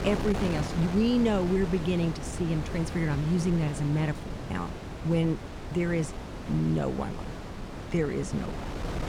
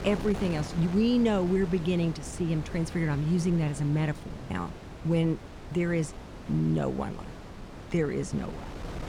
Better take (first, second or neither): second